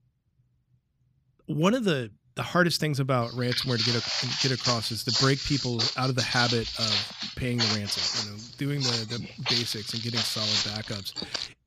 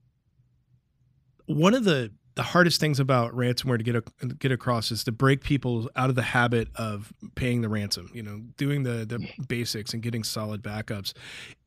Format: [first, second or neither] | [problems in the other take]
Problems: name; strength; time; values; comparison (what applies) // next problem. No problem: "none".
second | footsteps; loud; from 3 s on; peak 5 dB above the speech